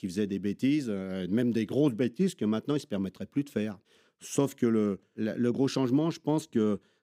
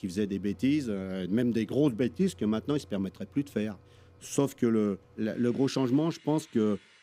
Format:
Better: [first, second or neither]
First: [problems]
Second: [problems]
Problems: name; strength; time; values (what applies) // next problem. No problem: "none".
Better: first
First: none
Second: machinery noise; faint; throughout; 25 dB below the speech